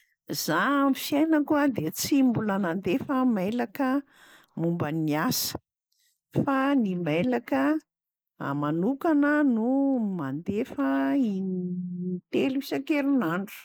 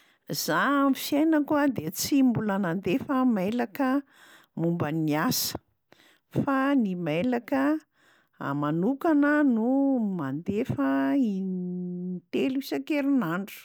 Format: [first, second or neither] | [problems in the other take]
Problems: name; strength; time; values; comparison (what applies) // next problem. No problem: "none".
second | noise reduction (neural mask model Resemble Enhance denoiser)